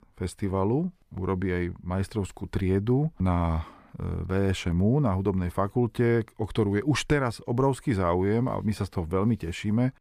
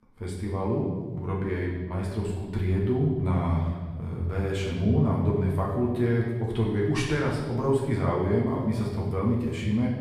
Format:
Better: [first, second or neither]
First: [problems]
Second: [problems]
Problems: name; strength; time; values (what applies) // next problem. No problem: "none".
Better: first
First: none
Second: room echo; noticeable; dies away in 1.3 s // off-mic speech; far